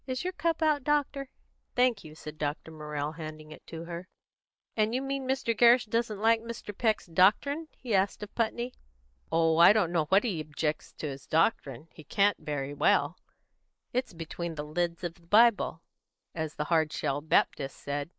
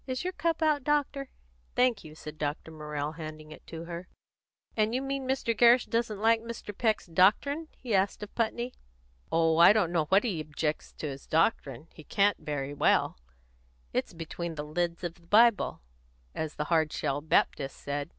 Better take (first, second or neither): second